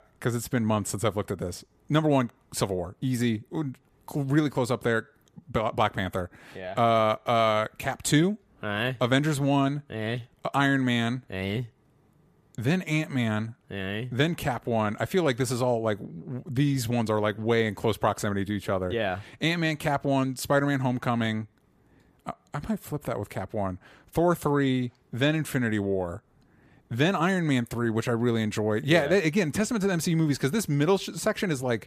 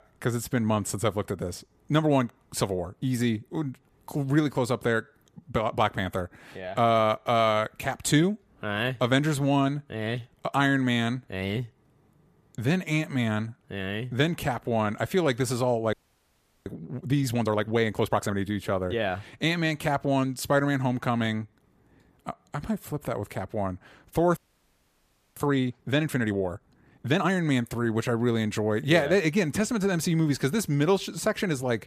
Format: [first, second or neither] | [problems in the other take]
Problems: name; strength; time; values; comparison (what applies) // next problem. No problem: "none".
first | audio freezing; at 16 s for 0.5 s and at 24 s for 1 s